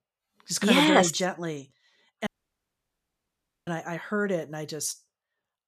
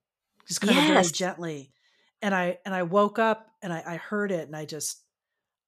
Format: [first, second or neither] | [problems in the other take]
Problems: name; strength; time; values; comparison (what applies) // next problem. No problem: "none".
second | audio cutting out; at 2.5 s for 1.5 s